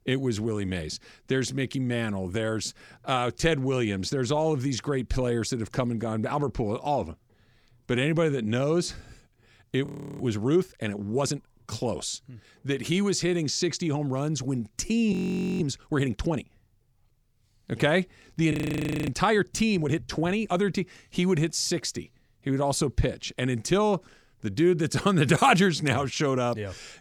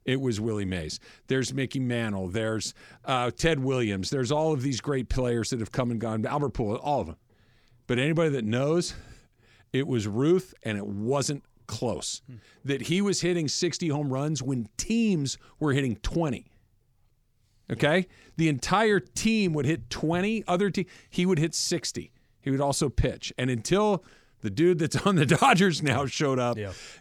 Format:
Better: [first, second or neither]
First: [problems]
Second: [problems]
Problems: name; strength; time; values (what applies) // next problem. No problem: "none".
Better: second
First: audio freezing; at 10 s, at 15 s and at 19 s for 0.5 s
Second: none